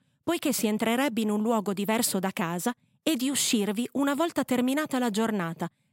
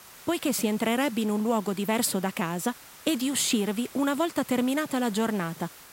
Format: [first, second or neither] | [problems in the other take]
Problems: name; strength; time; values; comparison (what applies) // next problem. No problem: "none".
first | hiss; noticeable; throughout; 20 dB below the speech